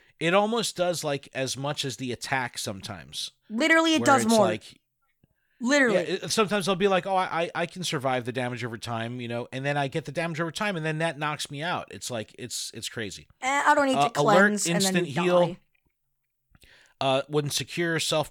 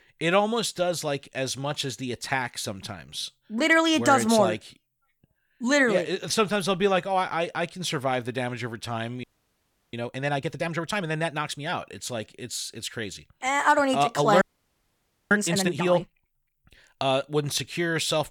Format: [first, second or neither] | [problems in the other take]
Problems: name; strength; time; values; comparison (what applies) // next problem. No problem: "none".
first | audio freezing; at 9 s for 0.5 s and at 14 s for 1 s